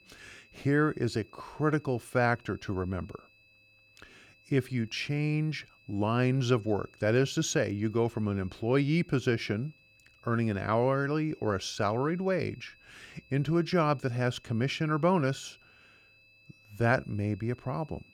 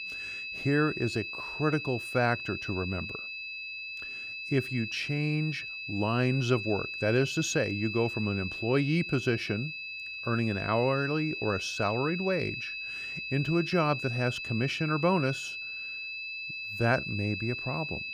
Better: first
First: high-pitched whine; faint; throughout; 2.5 kHz, 30 dB below the speech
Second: high-pitched whine; loud; throughout; 2.5 kHz, 5 dB below the speech

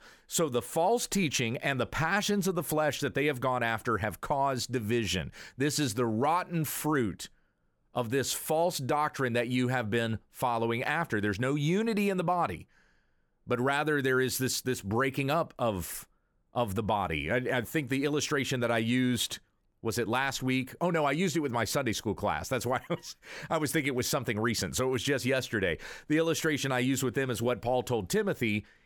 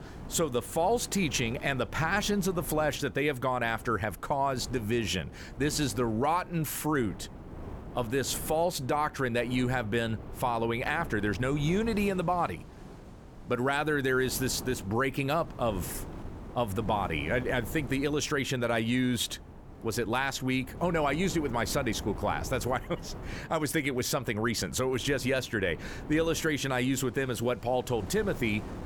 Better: first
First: none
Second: wind noise on the microphone; occasional gusts; 20 dB below the speech

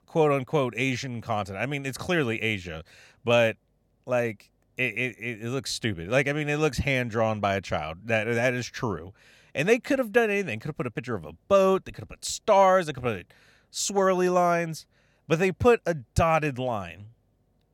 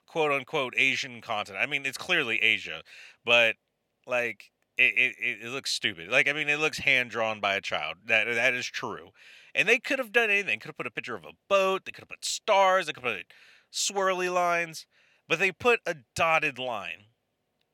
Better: first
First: none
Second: thin; somewhat; fading below 1 kHz

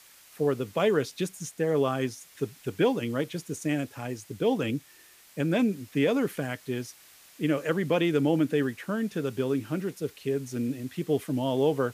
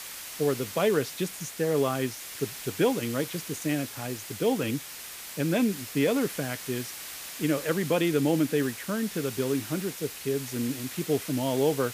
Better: first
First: hiss; faint; throughout; 25 dB below the speech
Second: hiss; loud; throughout; 9 dB below the speech

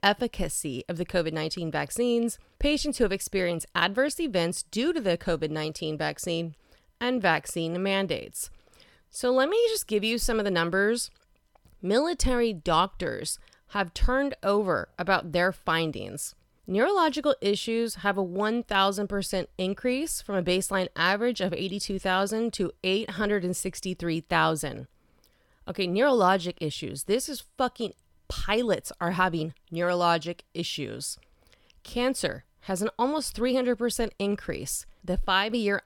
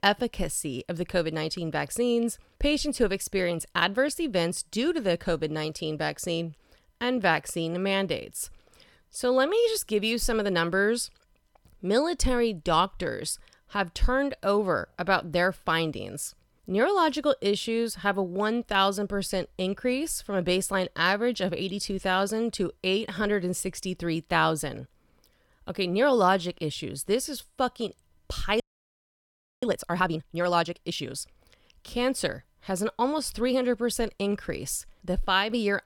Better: first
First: none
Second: audio freezing; at 29 s for 1 s

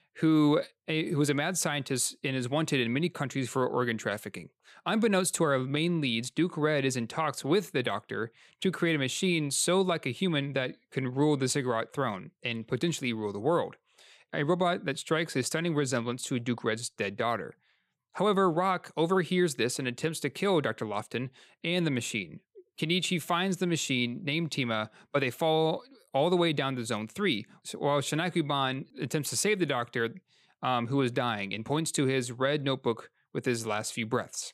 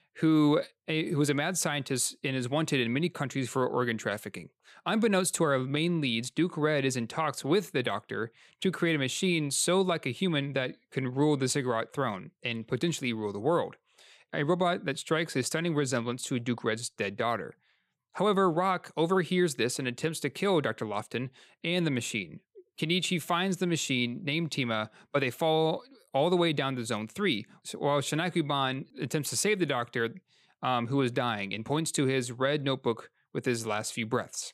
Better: neither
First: none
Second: none

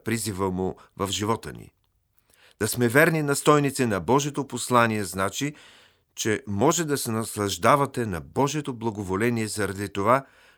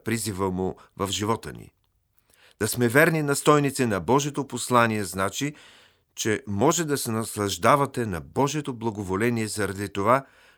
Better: neither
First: none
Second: none

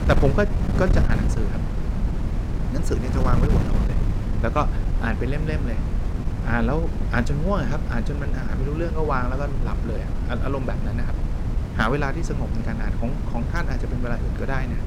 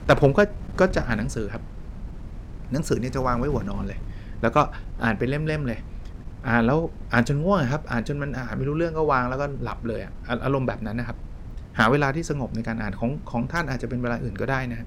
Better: second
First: wind noise on the microphone; heavy; 7 dB below the speech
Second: wind noise on the microphone; occasional gusts; 25 dB below the speech

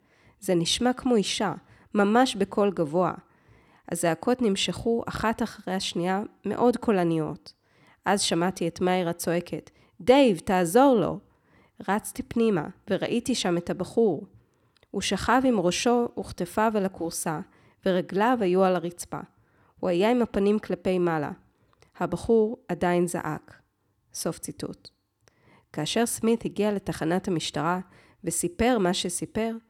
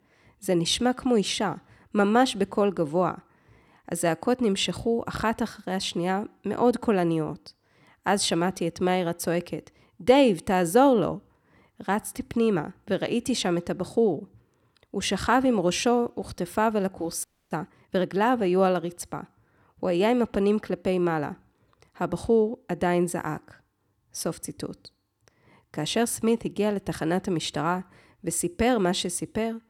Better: first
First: none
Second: audio freezing; at 17 s

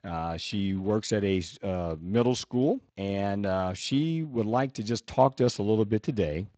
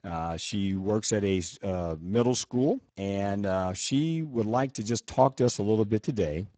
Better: first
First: garbled, watery; slightly; nothing above 7.5 kHz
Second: garbled, watery; badly; nothing above 7.5 kHz

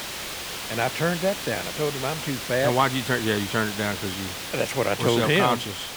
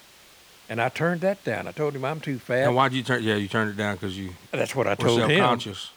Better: second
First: hiss; loud; throughout; 6 dB below the speech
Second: hiss; faint; throughout; 25 dB below the speech

